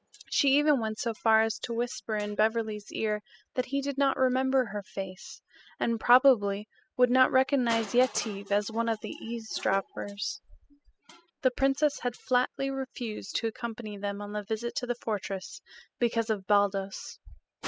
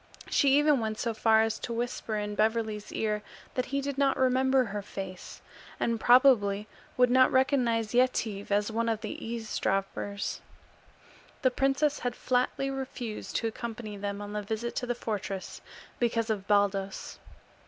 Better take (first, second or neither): second